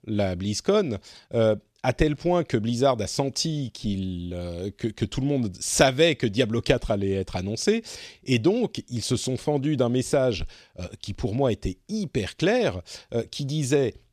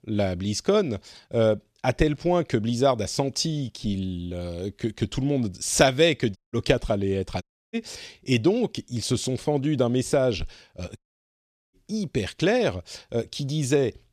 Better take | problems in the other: first | audio cutting out; at 6.5 s, at 7.5 s and at 11 s for 1 s

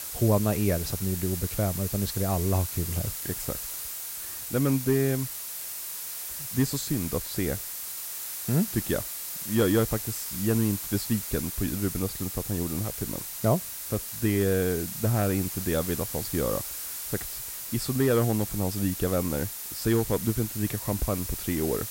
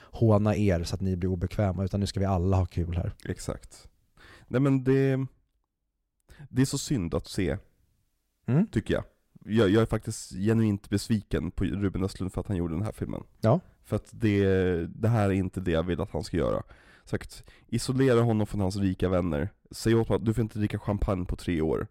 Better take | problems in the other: second | hiss; loud; throughout; 4 dB below the speech

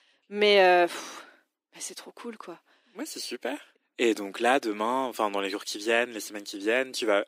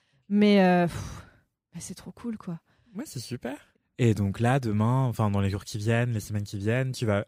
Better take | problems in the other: second | thin; very; fading below 300 Hz

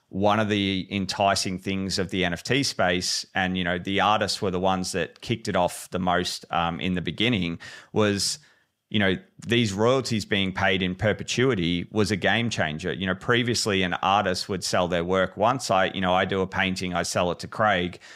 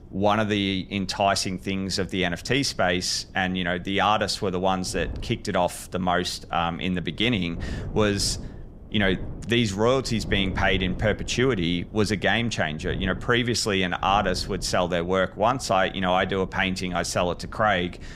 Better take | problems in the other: first | wind noise on the microphone; occasional gusts; 25 dB below the speech

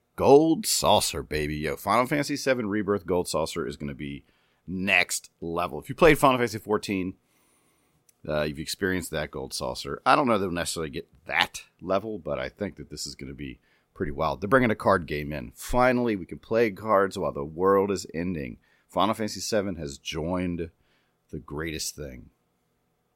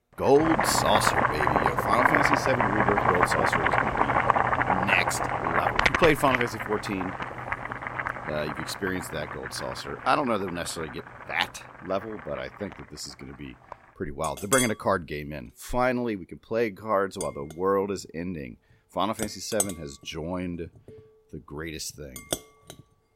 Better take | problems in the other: first | household noises; very loud; throughout; 3 dB above the speech

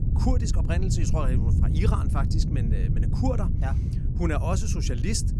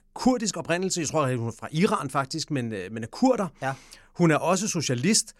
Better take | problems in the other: second | wind noise on the microphone; heavy; 5 dB below the speech

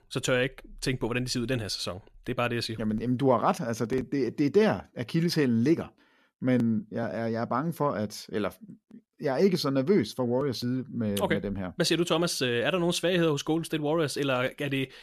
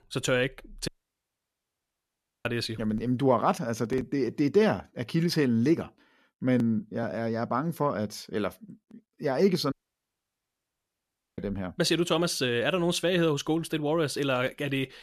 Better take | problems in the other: first | audio cutting out; at 1 s for 1.5 s and at 9.5 s for 1.5 s

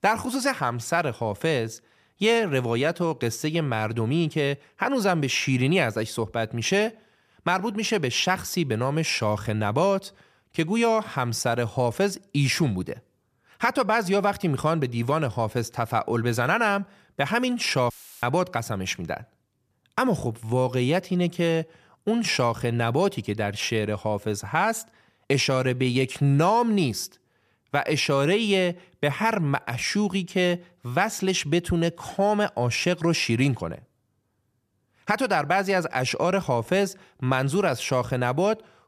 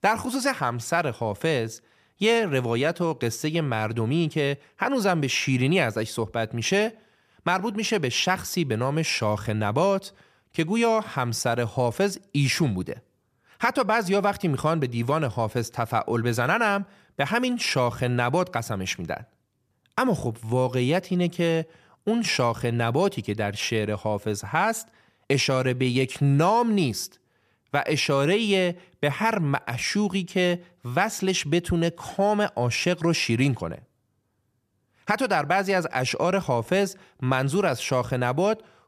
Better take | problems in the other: second | audio cutting out; filled with static; at 18 s

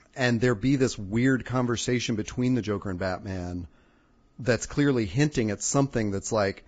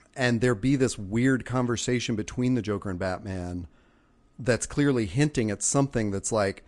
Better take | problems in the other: second | garbled, watery; badly; nothing above 7.5 kHz; slightly in the second

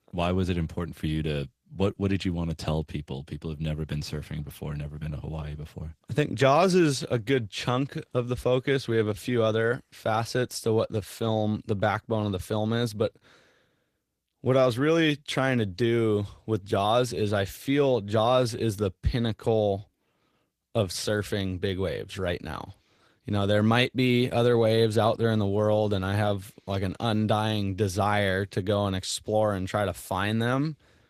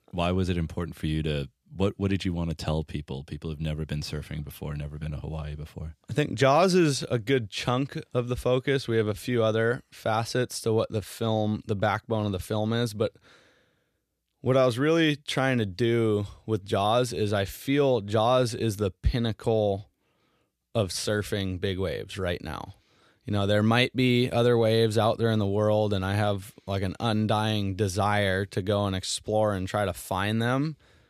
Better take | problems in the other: second | garbled, watery; slightly; nothing above 14.5 kHz

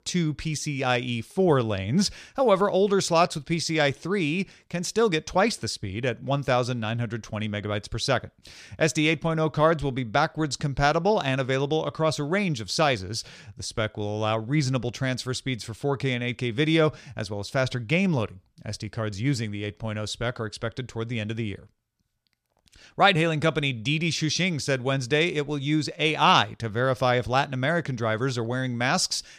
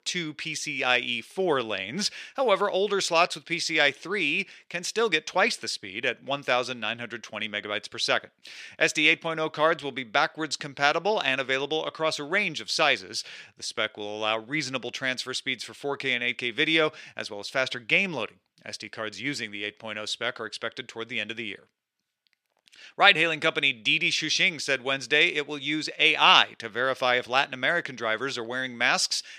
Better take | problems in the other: first | thin; somewhat; fading below 300 Hz

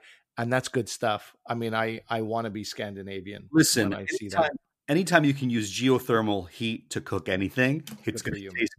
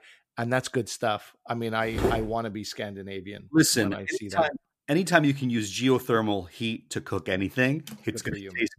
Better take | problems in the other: first | footsteps; noticeable; at 2 s; peak 1 dB below the speech

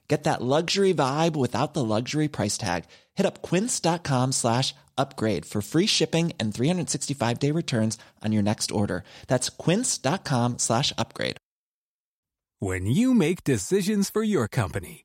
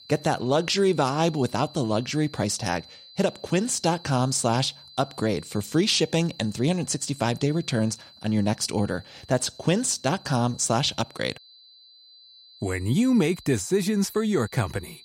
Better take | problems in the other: first | high-pitched whine; faint; throughout; 4 kHz, 20 dB below the speech

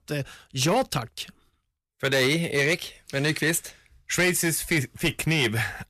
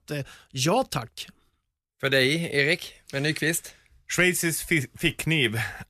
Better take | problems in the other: second | distortion; slight; 5% of the sound clipped

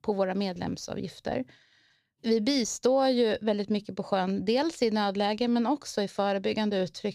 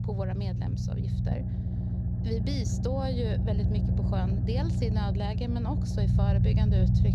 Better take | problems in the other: first | low rumble; loud; throughout; 2 dB below the speech

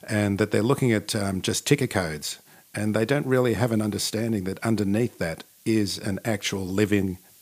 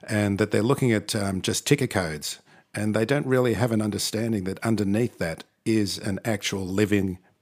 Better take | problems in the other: second | hiss; faint; throughout; 30 dB below the speech

